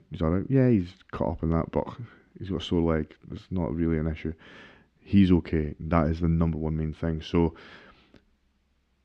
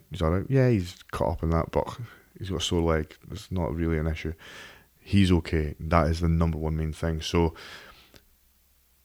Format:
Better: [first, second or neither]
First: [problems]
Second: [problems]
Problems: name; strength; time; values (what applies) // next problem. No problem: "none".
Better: second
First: muffled; slightly; fading above 3.5 kHz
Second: none